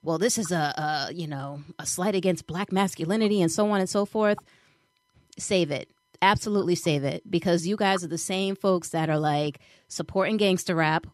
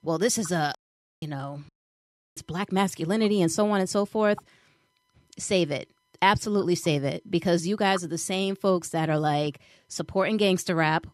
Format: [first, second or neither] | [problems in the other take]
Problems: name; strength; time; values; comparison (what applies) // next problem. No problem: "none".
first | audio cutting out; at 1 s and at 1.5 s for 0.5 s